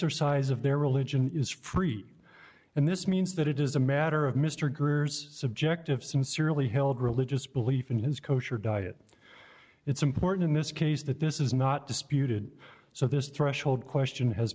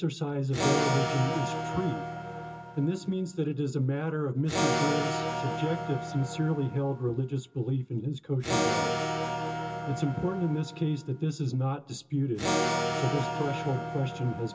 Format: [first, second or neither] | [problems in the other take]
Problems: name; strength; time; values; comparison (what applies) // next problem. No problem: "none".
first | background sound (Electric guitar / Acoustic guitar); 2 dB below the speech // room echo; dies away in 0.2 s